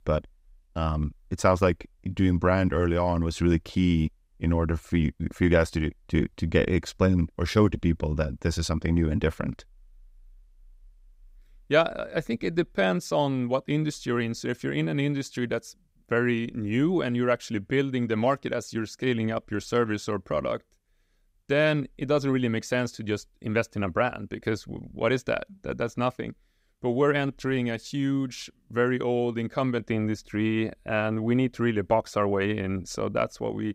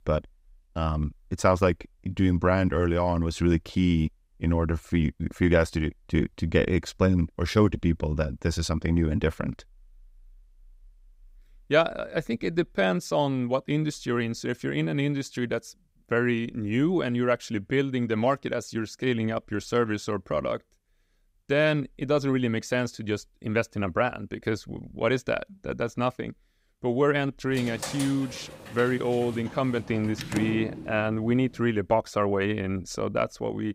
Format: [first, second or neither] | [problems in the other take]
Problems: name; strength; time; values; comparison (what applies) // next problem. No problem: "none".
first | door banging; noticeable; from 28 to 31 s; peak 5 dB below the speech